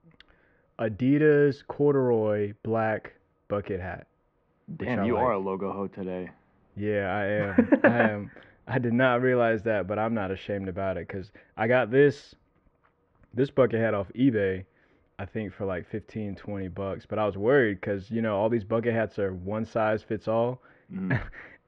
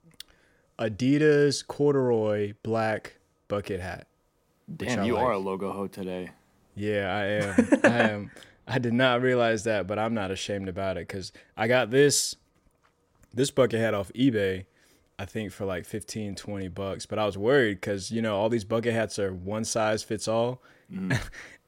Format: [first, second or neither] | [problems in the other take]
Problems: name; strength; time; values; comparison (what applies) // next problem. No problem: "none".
second | muffled; very; fading above 2 kHz